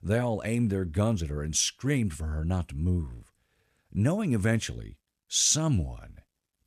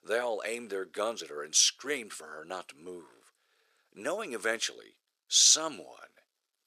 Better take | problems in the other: first | thin; very; fading below 400 Hz

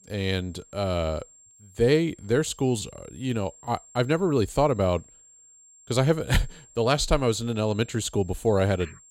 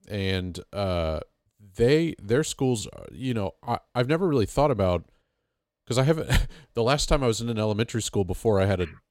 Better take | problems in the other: second | high-pitched whine; faint; throughout; 7.5 kHz, 25 dB below the speech

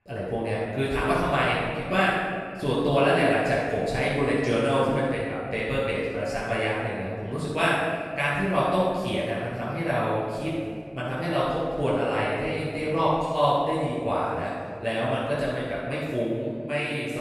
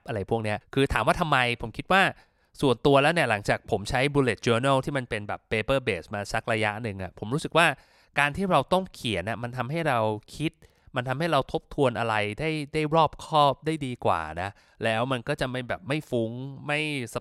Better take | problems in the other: second | off-mic speech; far // room echo; strong; dies away in 2 s

